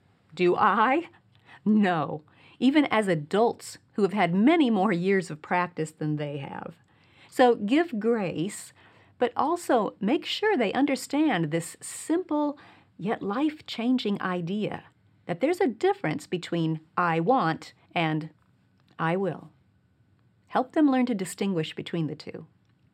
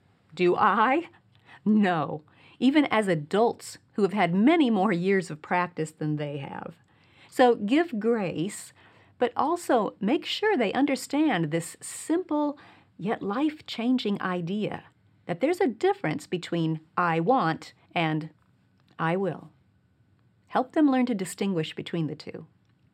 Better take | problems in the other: neither | none

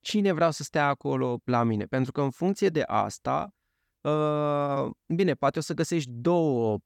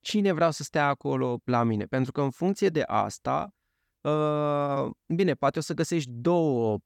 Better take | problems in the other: neither | none

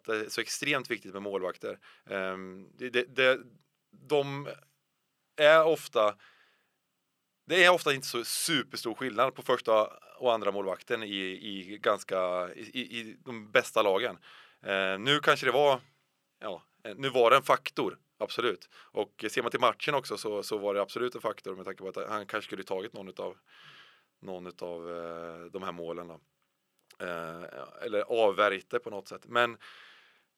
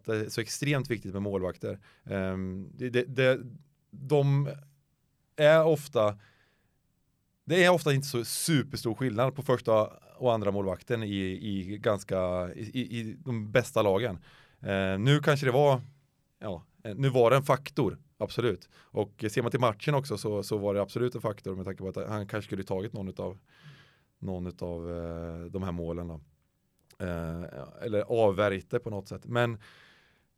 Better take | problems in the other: second | thin; somewhat; fading below 350 Hz

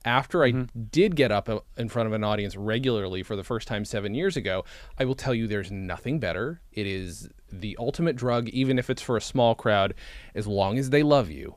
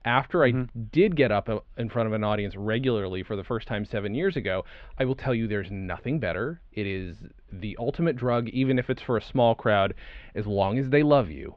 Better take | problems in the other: first | muffled; slightly; fading above 3 kHz

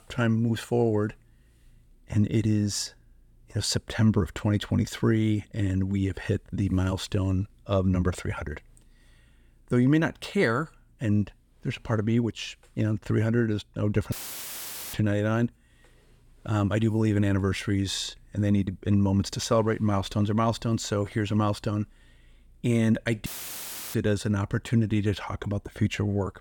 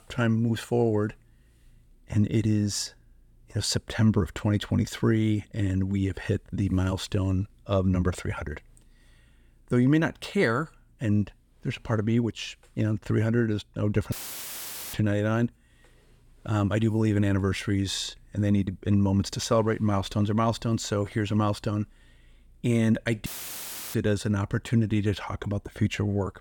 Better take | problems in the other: neither | audio cutting out; filled with static; at 14 s for 1 s and at 23 s for 0.5 s; the same in both

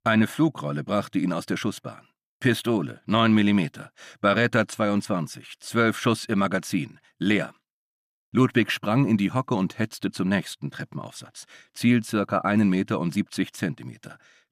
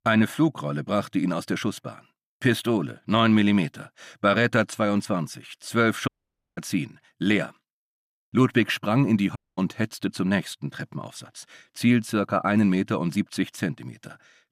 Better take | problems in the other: first | audio cutting out; at 6 s and at 9.5 s

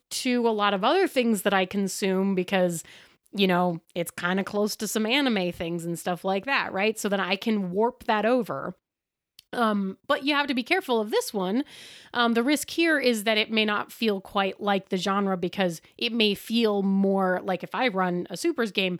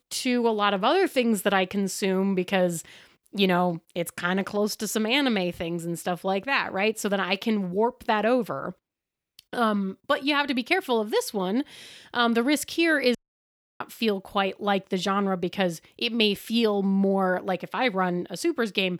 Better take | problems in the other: first | audio cutting out; at 13 s for 0.5 s

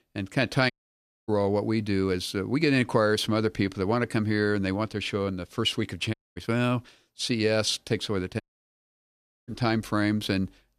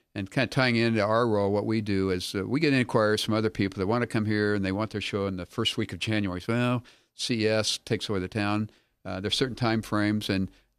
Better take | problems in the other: second | audio cutting out; at 0.5 s for 0.5 s, at 6 s and at 8.5 s for 1 s

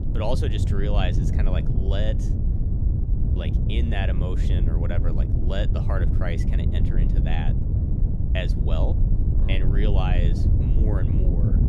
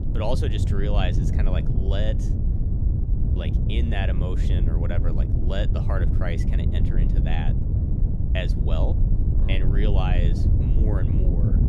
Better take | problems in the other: neither | wind noise on the microphone; heavy; 3 dB below the speech; the same in both

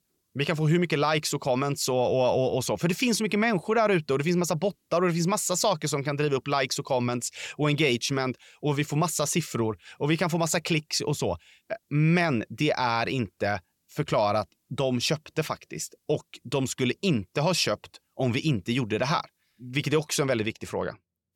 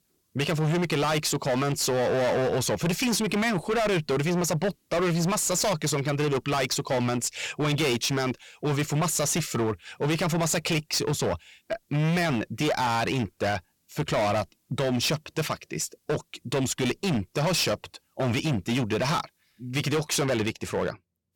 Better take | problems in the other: first | distortion; heavy; 23% of the sound clipped

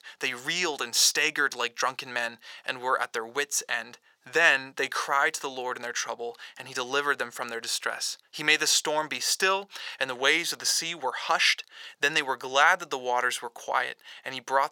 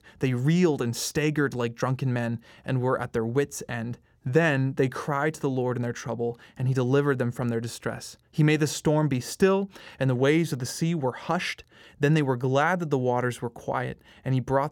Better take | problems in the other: second | thin; very; fading below 900 Hz

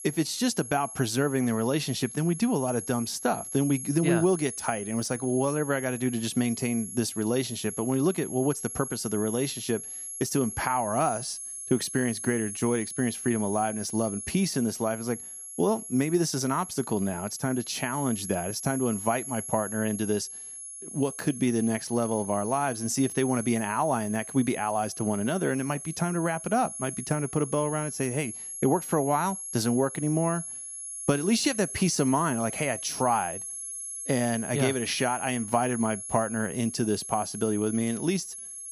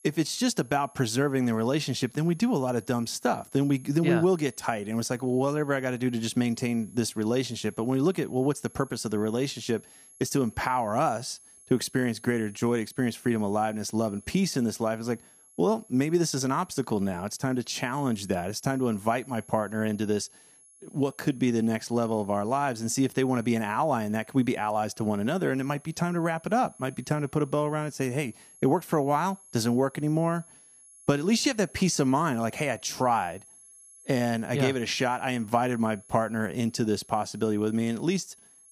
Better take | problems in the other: second | high-pitched whine; loud; throughout; 11 kHz, 8 dB below the speech; faint in the second

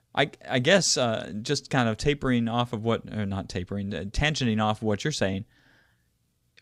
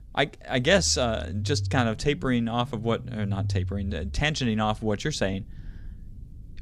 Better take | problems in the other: first | low rumble; faint; throughout; 25 dB below the speech

